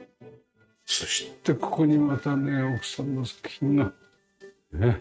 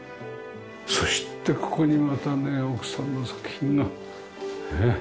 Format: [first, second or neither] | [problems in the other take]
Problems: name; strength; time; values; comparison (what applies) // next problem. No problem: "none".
second | noise reduction (neural mask model RNNoise)